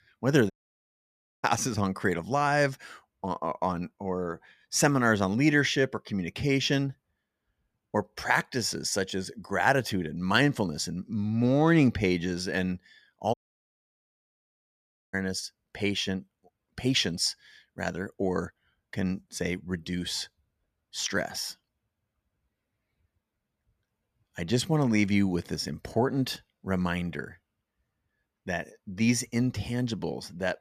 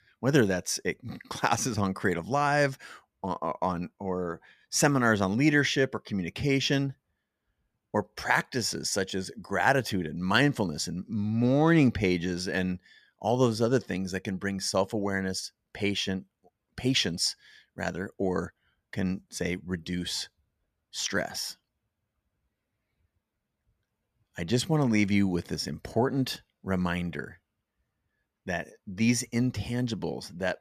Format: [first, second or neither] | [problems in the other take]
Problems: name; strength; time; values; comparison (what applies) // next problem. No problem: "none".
second | audio cutting out; at 0.5 s for 1 s and at 13 s for 2 s